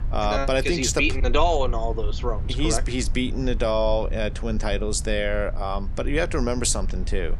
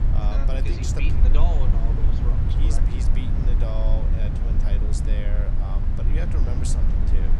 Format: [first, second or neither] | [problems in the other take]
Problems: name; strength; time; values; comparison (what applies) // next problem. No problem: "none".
first | low rumble; loud; throughout; 1 dB below the speech; faint in the first